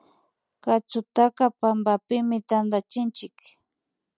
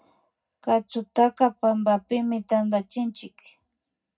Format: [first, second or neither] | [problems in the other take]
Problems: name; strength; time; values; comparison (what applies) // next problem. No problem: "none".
first | room echo; dies away in 0.3 s